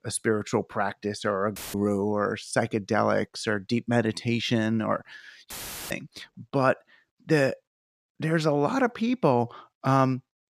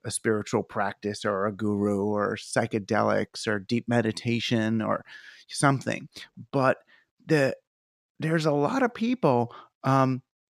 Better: second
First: audio cutting out; filled with static; at 1.5 s and at 5.5 s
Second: none

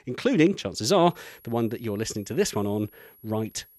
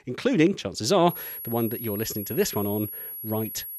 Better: first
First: high-pitched whine; faint; from 1 s on; 11.5 kHz, 25 dB below the speech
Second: high-pitched whine; loud; from 1 s on; 11.5 kHz, 8 dB below the speech

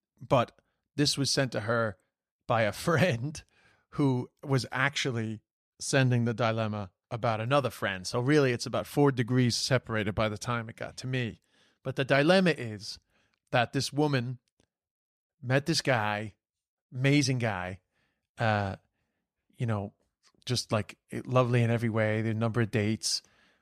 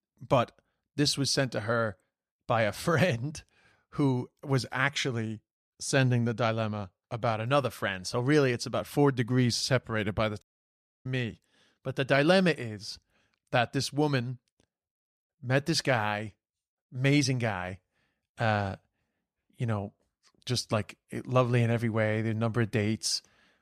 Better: first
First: none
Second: audio cutting out; at 10 s for 0.5 s

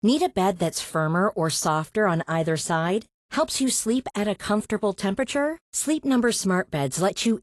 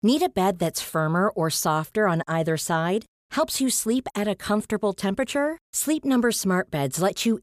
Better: second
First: garbled, watery; slightly; nothing above 11.5 kHz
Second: none

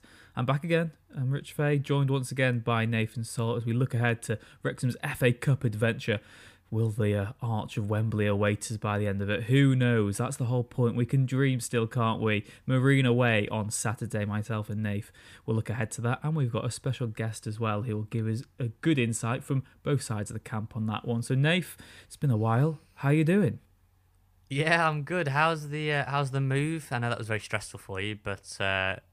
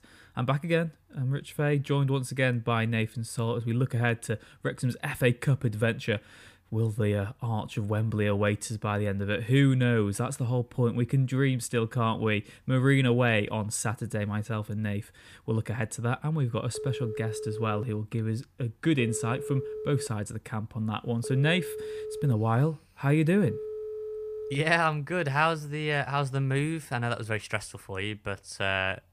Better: first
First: none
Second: phone ringing; noticeable; from 17 to 25 s; peak 8 dB below the speech

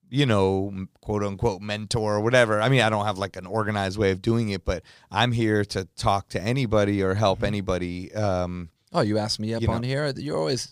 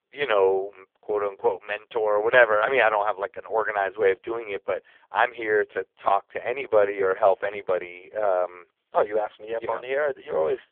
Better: first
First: none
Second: phone-call audio; poor line; nothing above 3.5 kHz

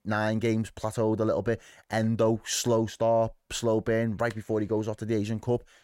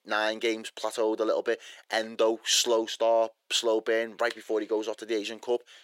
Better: first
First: none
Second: thin; very; fading below 350 Hz

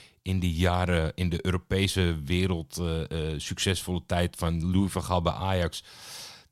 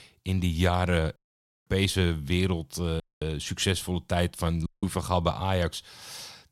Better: first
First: none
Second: audio cutting out; at 1 s for 0.5 s, at 3 s and at 4.5 s

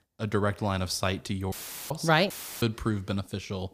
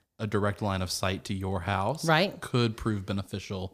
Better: second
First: audio cutting out; filled with static; at 1.5 s and at 2.5 s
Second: none

